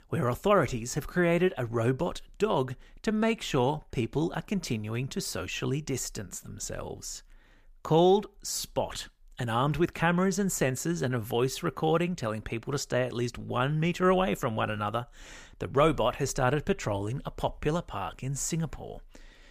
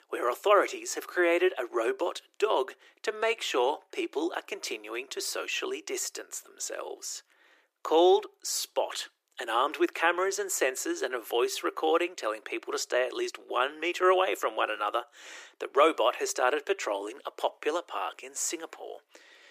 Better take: first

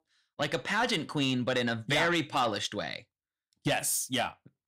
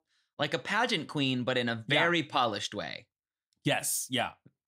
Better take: second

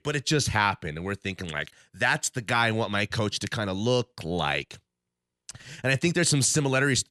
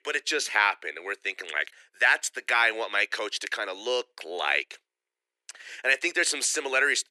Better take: first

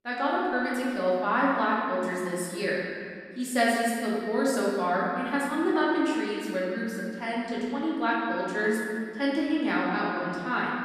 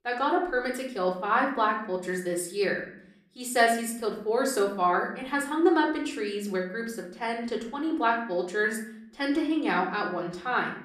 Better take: second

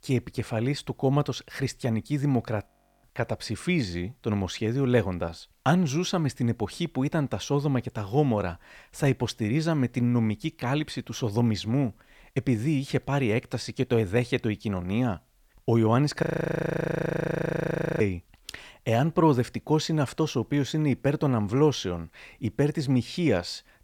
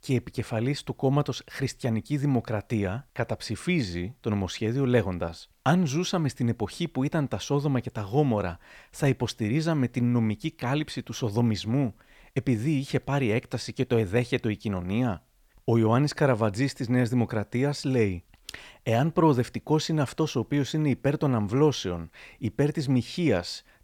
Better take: second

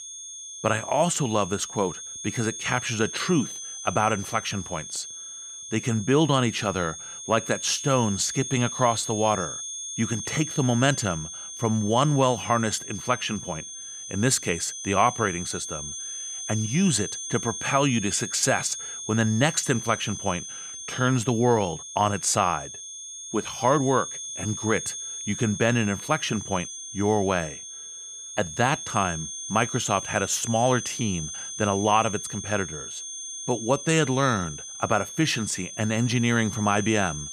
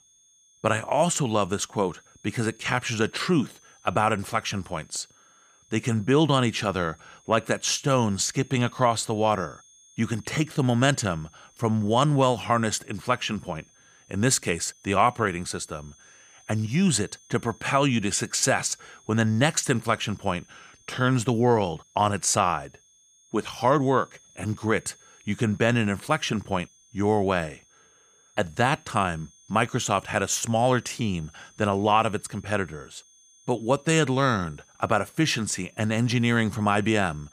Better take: second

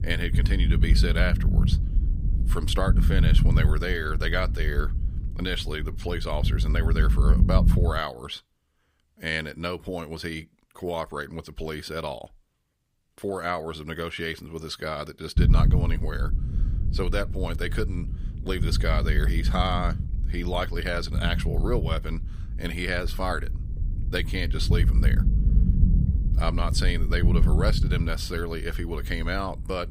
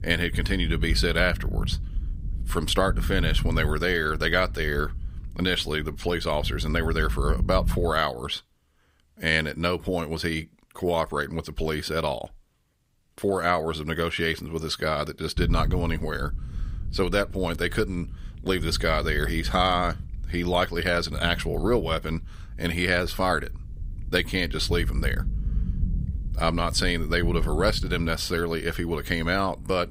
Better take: second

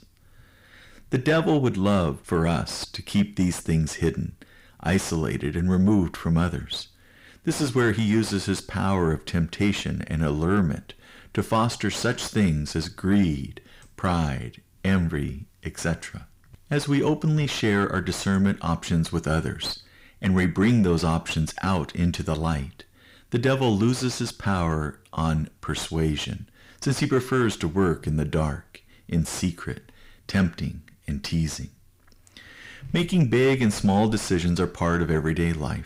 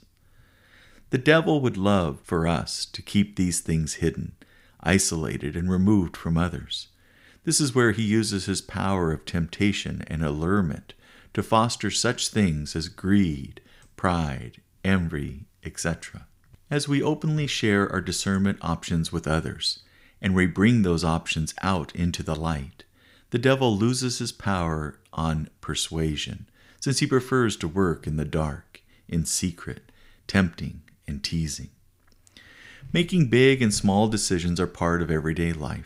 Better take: second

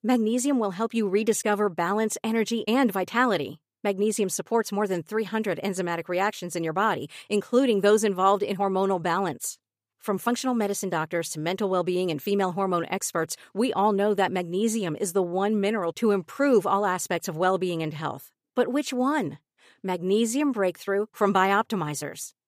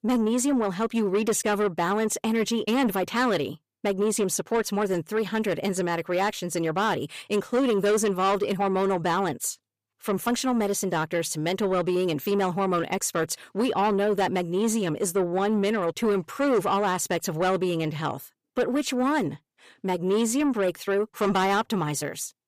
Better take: first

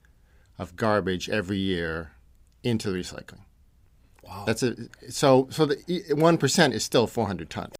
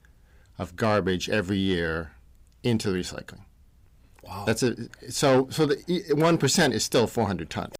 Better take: first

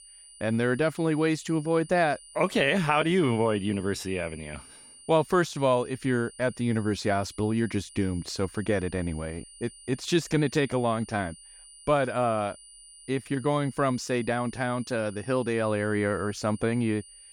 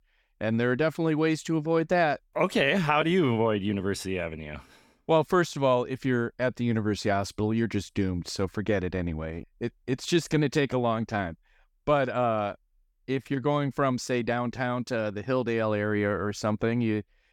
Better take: second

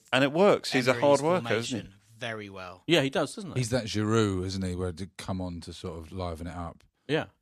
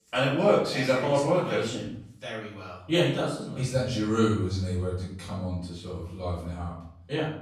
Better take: first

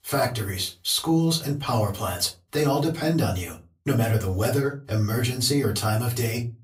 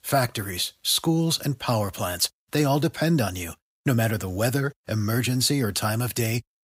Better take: second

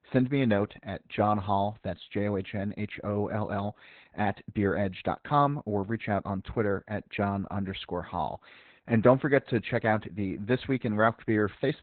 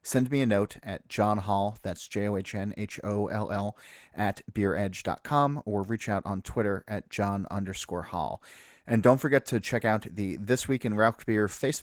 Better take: second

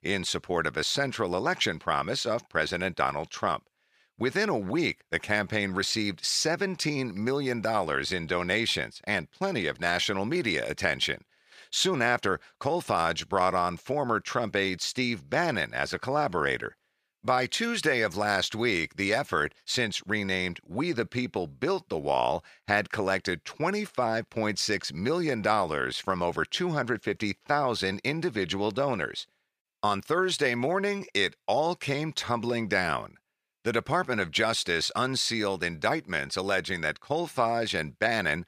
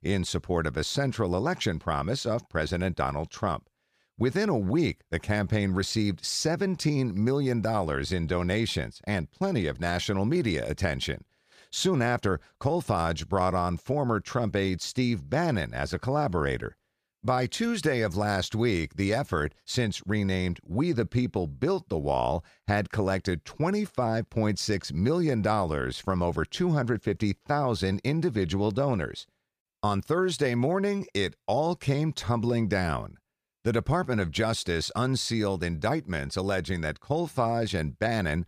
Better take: second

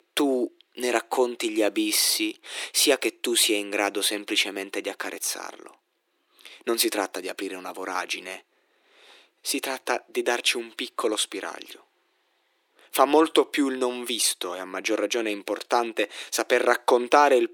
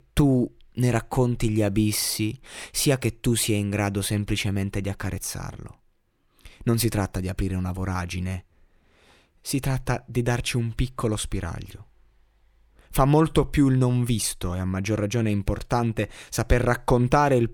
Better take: second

